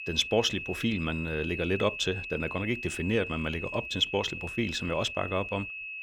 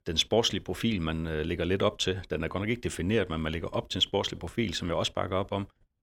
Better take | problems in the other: second | high-pitched whine; loud; throughout; 2.5 kHz, 6 dB below the speech

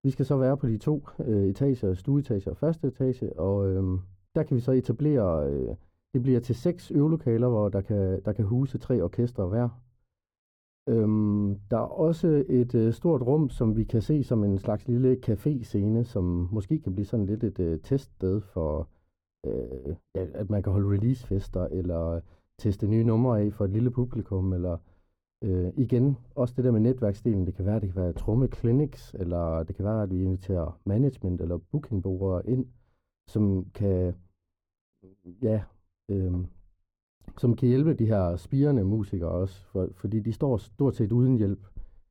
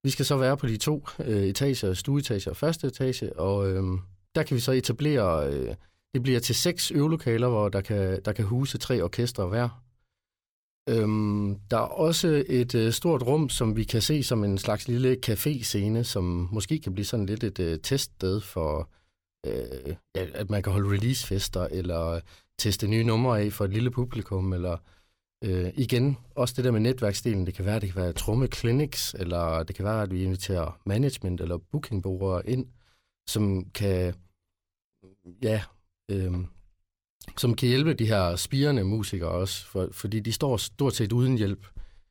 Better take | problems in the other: second | muffled; very; fading above 1.5 kHz

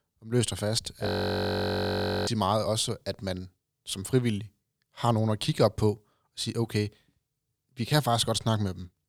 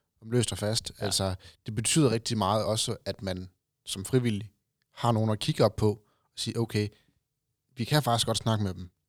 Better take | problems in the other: second | audio freezing; at 1 s for 1 s

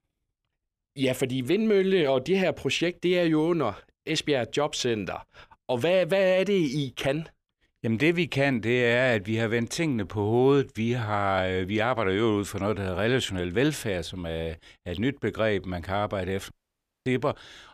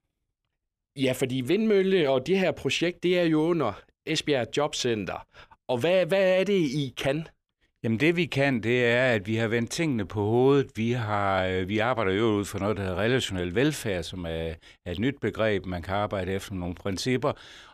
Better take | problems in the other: second | audio cutting out; at 17 s for 0.5 s

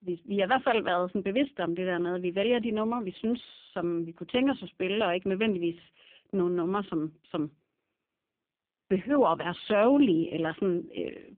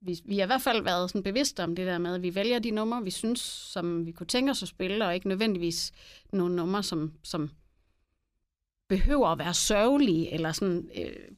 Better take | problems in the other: second | phone-call audio; poor line

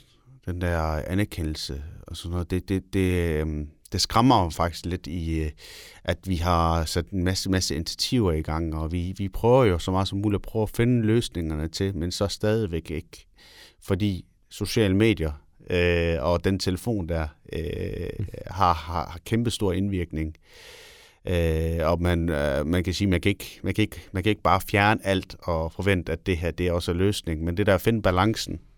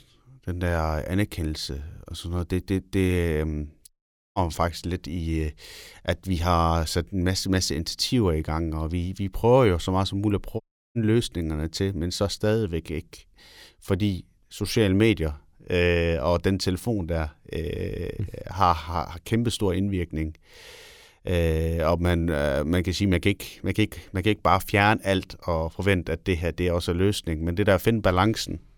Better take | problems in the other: first | audio cutting out; at 4 s and at 11 s

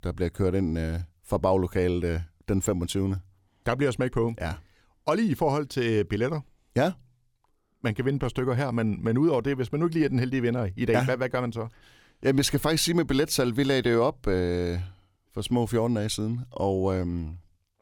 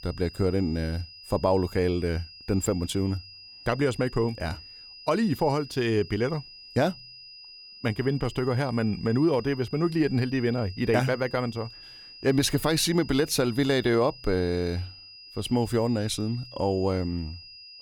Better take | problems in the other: first | high-pitched whine; noticeable; throughout; 5 kHz, 15 dB below the speech

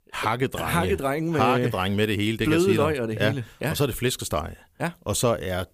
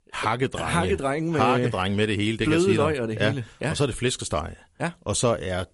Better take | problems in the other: first | garbled, watery; slightly; nothing above 11 kHz

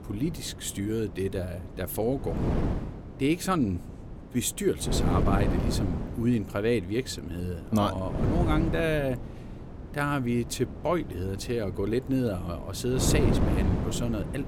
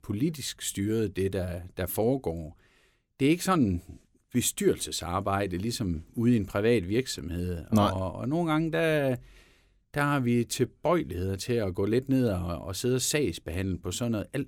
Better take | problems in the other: second | wind noise on the microphone; heavy; 6 dB below the speech

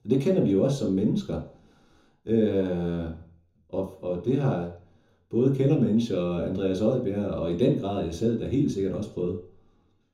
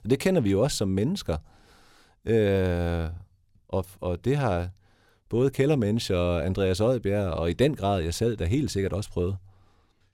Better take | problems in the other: second | room echo; slight; dies away in 0.6 s // off-mic speech; far

